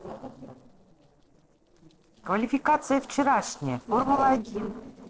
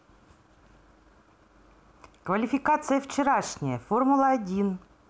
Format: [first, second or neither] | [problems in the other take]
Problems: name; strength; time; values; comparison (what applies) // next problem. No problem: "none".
second | noise reduction (neural separator model SepFormer DNS4)